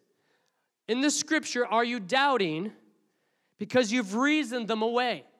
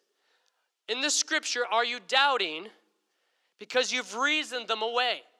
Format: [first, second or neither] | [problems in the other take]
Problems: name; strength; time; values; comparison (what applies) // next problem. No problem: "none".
first | thin; somewhat; fading below 550 Hz